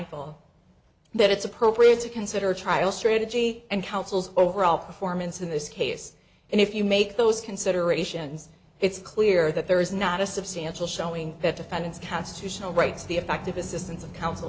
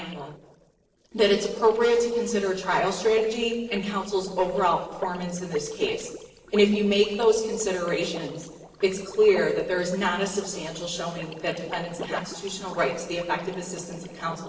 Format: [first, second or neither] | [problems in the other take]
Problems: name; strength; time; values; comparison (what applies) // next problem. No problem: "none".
first | noise reduction (neural separator model SepFormer DNS4)